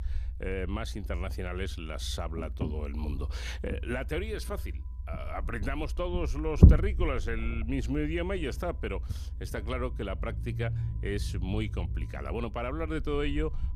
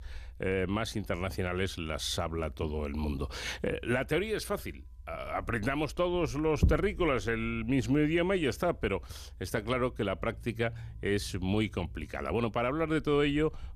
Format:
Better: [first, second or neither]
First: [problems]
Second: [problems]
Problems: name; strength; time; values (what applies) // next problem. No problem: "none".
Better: second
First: low rumble; loud; throughout; 7 dB below the speech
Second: low rumble; faint; throughout; 20 dB below the speech